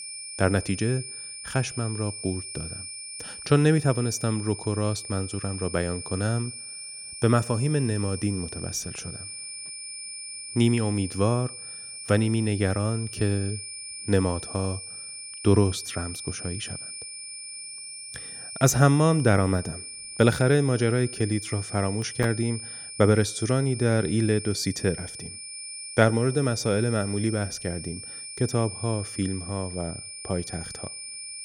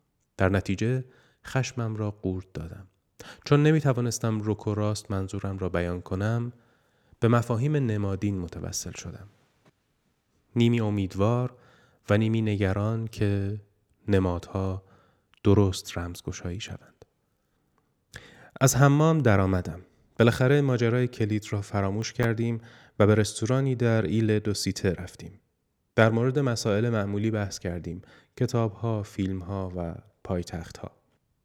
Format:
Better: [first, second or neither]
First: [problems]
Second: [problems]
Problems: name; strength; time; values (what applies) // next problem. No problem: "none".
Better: second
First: high-pitched whine; loud; throughout; 9.5 kHz, 10 dB below the speech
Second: none